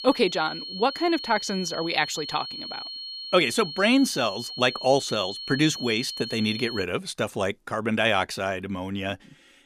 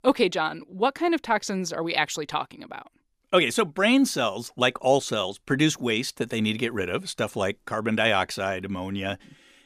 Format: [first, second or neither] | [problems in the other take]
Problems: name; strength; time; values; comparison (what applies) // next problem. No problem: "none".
second | high-pitched whine; loud; until 7 s; 4.5 kHz, 8 dB below the speech